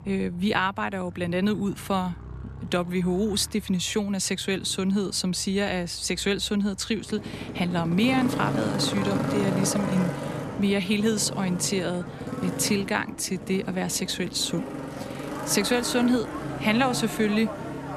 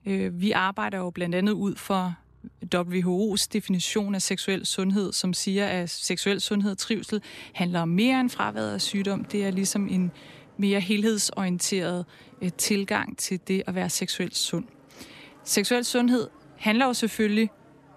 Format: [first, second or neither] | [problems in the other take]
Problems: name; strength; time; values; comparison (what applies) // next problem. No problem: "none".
second | traffic noise; loud; throughout; 7 dB below the speech; faint in the second